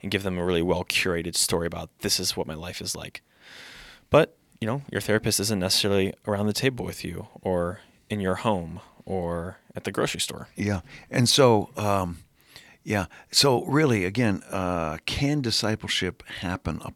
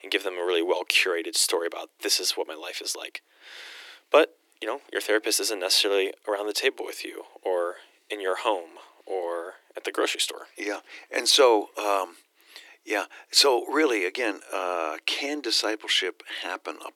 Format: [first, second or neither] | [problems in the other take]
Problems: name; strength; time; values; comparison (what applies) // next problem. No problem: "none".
first | thin; very; fading below 300 Hz